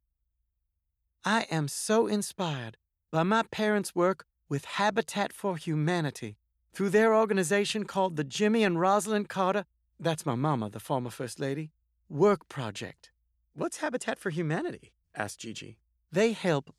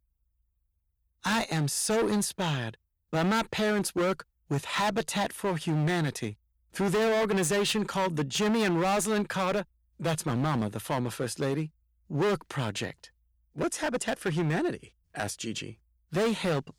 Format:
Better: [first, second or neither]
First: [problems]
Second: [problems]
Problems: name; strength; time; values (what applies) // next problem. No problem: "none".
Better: first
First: none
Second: distortion; heavy; 15% of the sound clipped